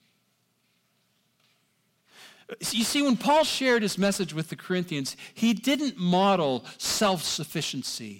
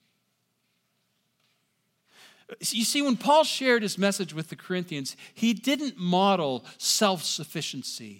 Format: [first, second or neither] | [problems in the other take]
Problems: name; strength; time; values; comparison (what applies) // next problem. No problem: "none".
second | distortion; slight; 10 dB below the speech